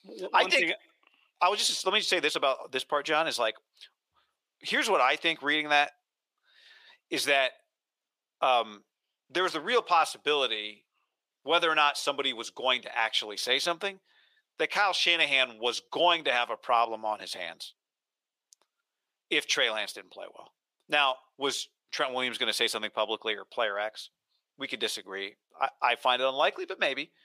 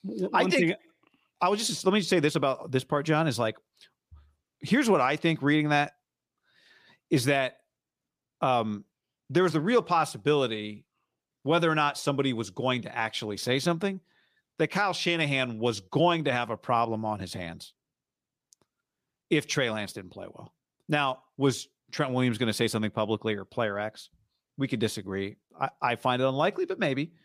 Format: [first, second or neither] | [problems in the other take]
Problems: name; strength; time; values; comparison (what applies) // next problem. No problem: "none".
second | thin; very; fading below 650 Hz